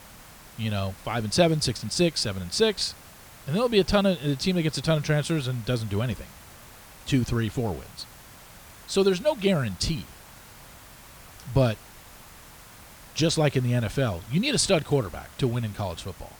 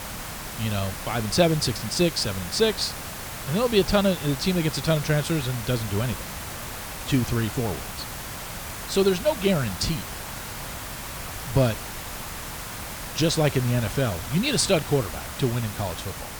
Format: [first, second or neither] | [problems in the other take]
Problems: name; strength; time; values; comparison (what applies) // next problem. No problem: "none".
first | hiss; loud; throughout; 9 dB below the speech; faint in the first